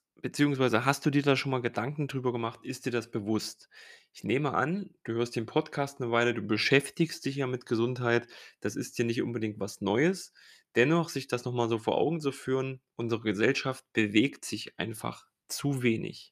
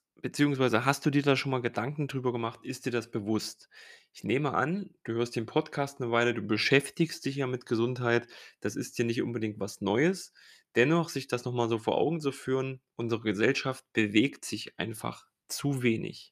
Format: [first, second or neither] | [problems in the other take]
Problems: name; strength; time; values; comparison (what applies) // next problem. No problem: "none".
neither | none